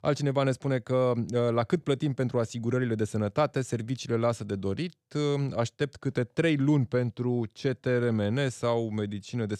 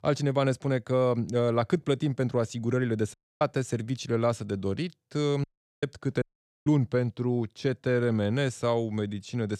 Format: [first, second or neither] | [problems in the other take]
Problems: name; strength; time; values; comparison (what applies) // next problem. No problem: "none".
first | audio cutting out; at 3 s, at 5.5 s and at 6 s